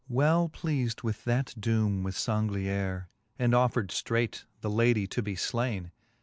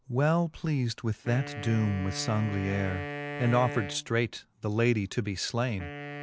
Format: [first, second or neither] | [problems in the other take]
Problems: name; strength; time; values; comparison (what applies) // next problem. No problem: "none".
first | background sound (Wind instrument, woodwind instrument); 11 dB below the speech